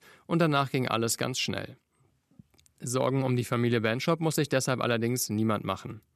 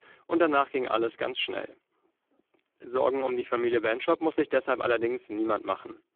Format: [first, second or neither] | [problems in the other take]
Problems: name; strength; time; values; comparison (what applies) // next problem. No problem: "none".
first | phone-call audio; poor line